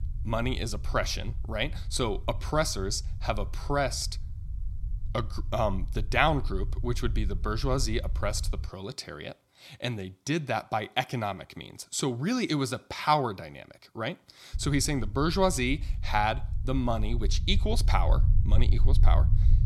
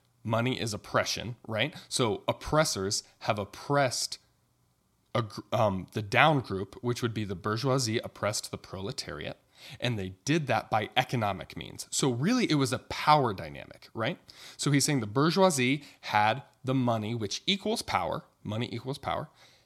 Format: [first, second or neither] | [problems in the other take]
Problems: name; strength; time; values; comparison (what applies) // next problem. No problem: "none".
second | low rumble; noticeable; until 8.5 s and from 15 s on; 20 dB below the speech